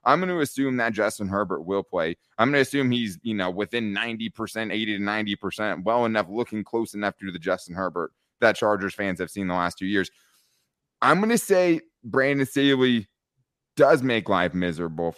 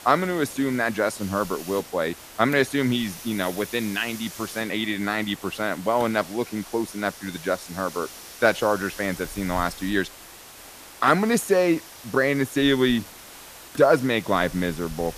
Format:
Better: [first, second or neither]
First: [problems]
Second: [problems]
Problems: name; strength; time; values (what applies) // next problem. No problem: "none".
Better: first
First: none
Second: hiss; noticeable; throughout; 15 dB below the speech